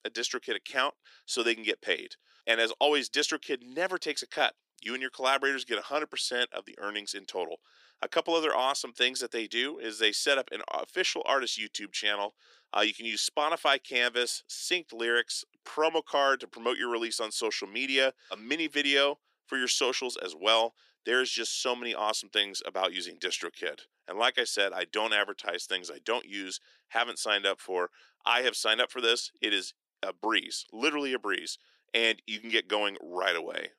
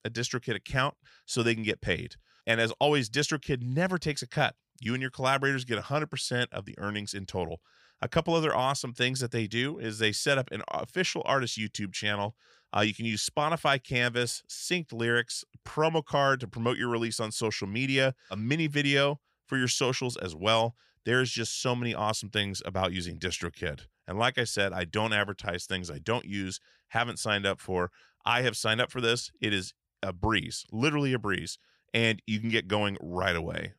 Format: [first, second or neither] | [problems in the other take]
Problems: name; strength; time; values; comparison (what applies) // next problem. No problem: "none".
second | thin; somewhat; fading below 300 Hz